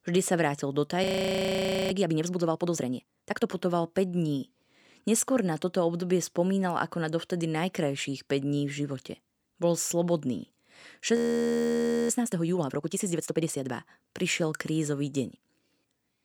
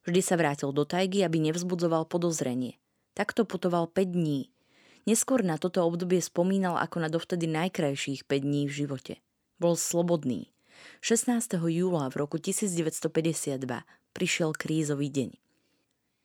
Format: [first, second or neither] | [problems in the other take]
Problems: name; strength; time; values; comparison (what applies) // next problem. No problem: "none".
second | audio freezing; at 1 s for 1 s and at 11 s for 1 s